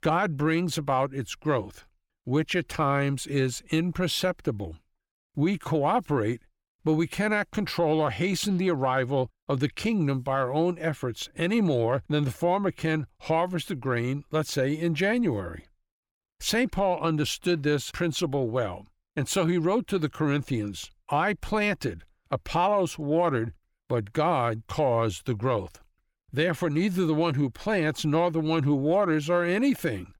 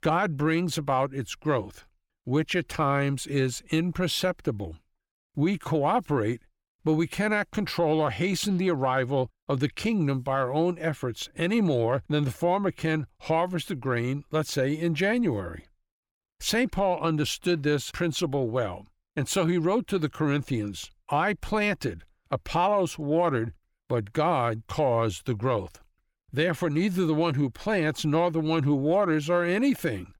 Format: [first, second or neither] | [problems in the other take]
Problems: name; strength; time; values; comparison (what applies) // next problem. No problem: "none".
neither | none